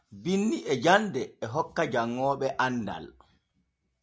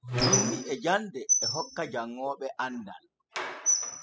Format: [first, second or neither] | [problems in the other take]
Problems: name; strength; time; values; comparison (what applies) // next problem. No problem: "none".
first | noise reduction (classical method spectral subtraction)